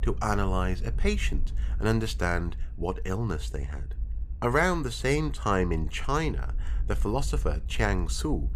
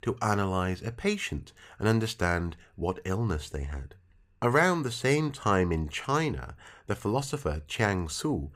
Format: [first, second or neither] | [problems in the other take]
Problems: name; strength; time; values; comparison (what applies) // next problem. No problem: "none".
second | low rumble; faint; throughout; 25 dB below the speech